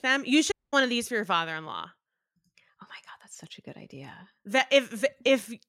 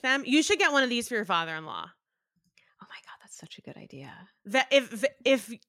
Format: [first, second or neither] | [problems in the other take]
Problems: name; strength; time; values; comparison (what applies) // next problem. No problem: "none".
second | audio cutting out; at 0.5 s